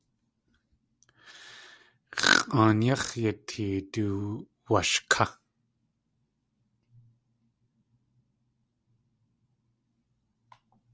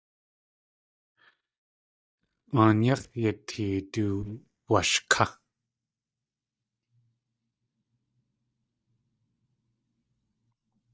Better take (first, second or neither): first